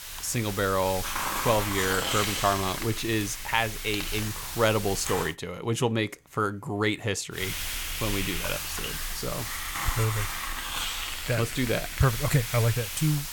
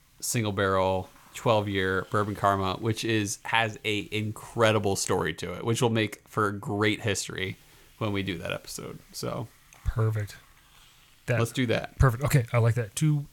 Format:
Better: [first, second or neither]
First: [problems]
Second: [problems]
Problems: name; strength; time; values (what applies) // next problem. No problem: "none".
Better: second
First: hiss; loud; until 5.5 s and from 7.5 s on; 3 dB below the speech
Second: hiss; faint; until 5.5 s and from 7.5 s on; 30 dB below the speech